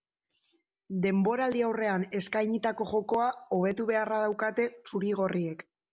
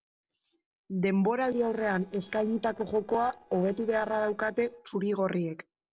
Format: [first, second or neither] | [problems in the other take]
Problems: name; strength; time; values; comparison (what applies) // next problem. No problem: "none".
first | noise reduction (neural separator model SepFormer DNS4)